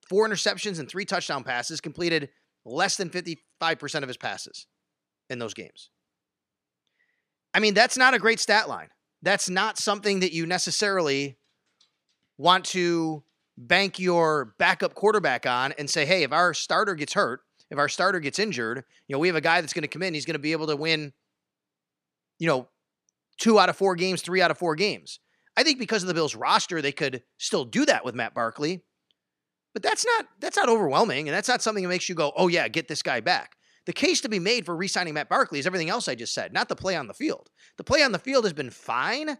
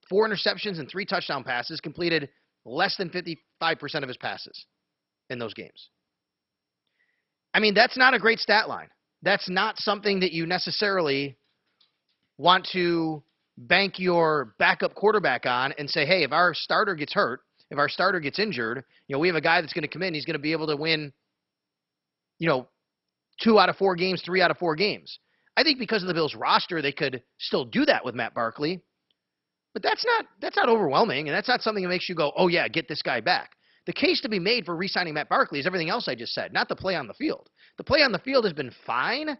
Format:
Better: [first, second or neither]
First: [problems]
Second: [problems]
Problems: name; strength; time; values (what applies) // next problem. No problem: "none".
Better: first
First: none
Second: garbled, watery; badly; nothing above 5.5 kHz